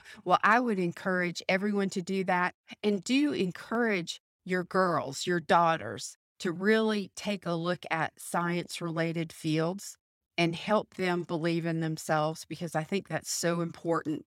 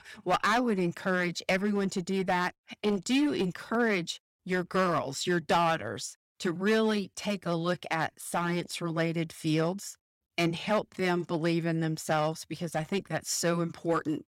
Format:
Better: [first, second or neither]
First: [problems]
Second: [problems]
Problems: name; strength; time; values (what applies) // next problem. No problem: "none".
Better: first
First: none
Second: distortion; slight; 5% of the sound clipped